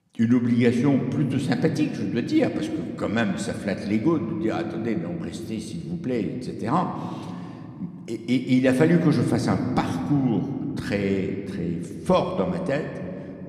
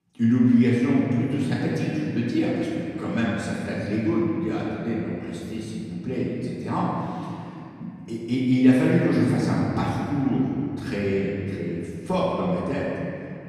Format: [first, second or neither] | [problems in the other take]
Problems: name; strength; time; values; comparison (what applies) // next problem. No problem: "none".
first | room echo; strong; dies away in 2.6 s; slight in the first // off-mic speech; far